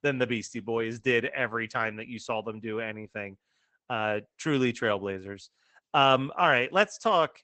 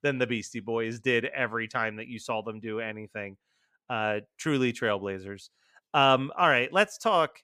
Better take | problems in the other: second | garbled, watery; badly; nothing above 8 kHz

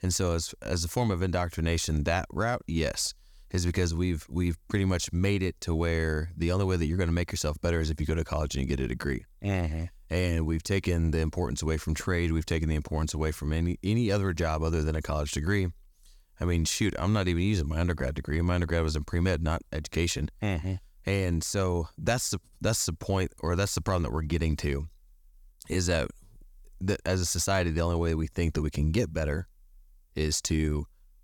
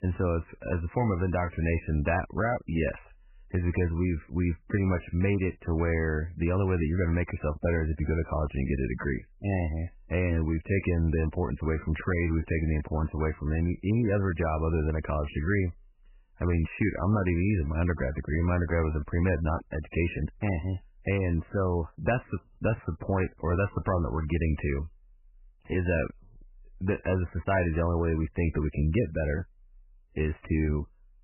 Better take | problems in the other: first | garbled, watery; badly; nothing above 2.5 kHz

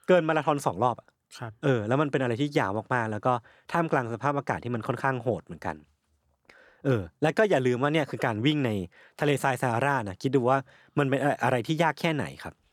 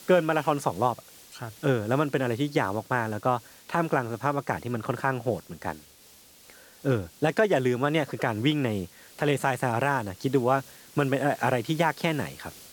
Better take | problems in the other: first | hiss; faint; throughout; 20 dB below the speech

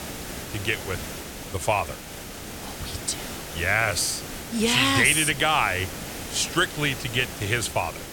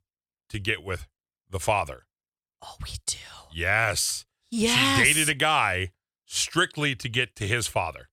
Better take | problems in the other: second | hiss; noticeable; throughout; 10 dB below the speech

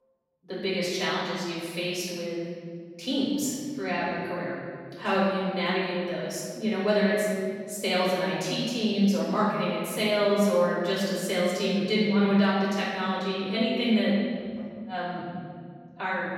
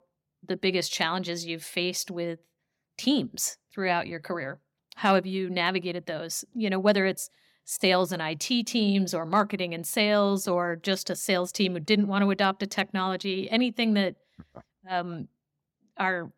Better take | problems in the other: second | off-mic speech; far // room echo; strong; dies away in 2 s

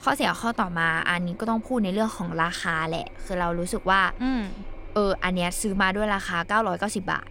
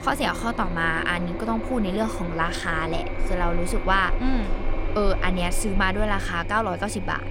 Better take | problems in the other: first | low rumble; loud; throughout; 9 dB below the speech; faint in the first

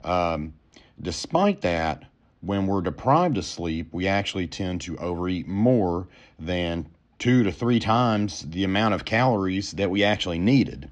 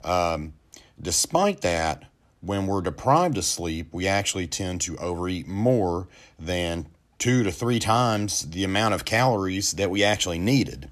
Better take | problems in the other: second | muffled; slightly; fading above 4 kHz

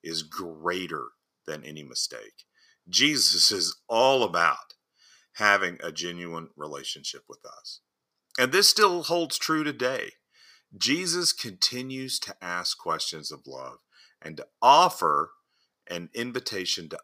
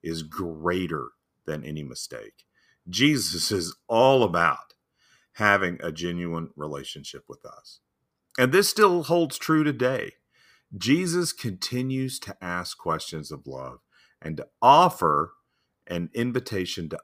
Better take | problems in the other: second | thin; very slightly; fading below 1 kHz

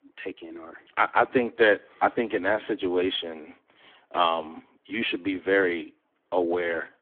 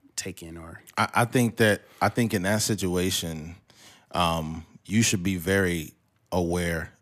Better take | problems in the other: second | phone-call audio; poor line; nothing above 3.5 kHz

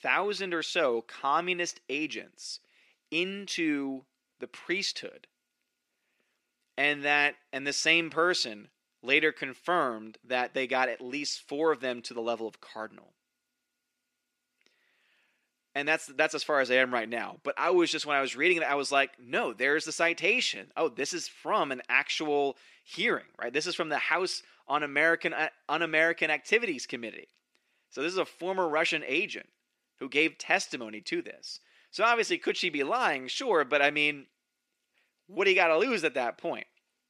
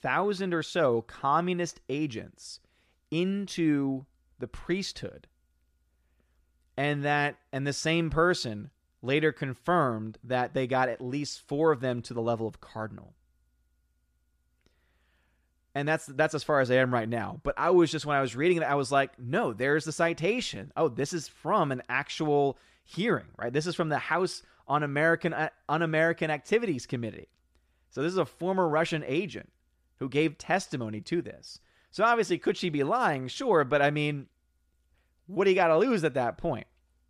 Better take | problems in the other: second | thin; very slightly; fading below 250 Hz

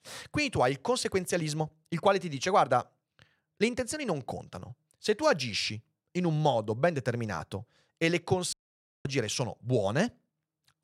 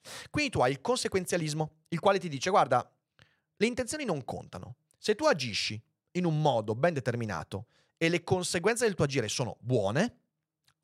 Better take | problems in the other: second | audio cutting out; at 8.5 s for 0.5 s

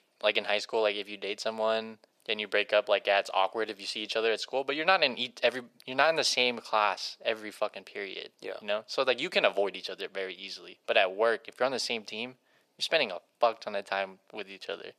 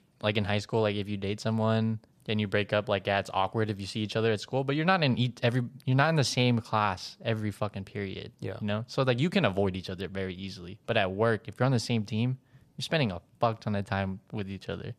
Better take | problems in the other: second | thin; very; fading below 400 Hz

